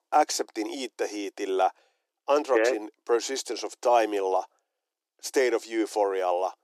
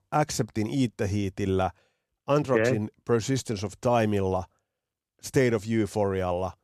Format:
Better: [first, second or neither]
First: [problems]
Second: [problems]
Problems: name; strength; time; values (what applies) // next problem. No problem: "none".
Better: second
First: thin; very; fading below 300 Hz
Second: none